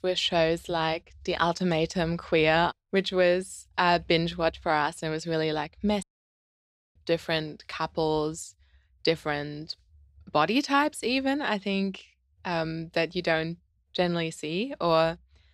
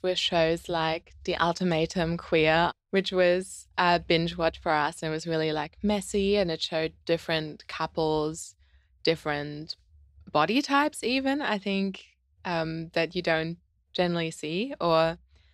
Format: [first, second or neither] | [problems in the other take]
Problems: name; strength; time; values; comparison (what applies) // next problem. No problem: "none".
second | audio cutting out; at 6 s for 1 s